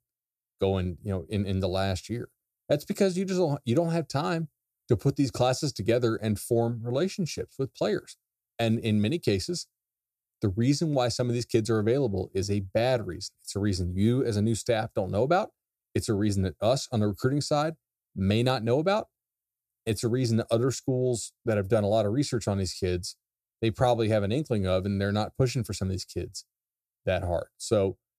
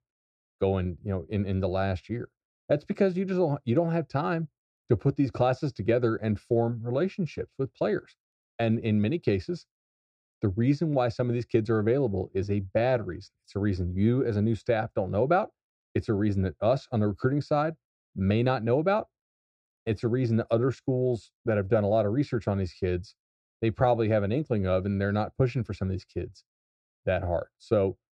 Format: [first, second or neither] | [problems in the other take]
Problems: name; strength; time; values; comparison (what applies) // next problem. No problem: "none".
first | muffled; slightly; fading above 2 kHz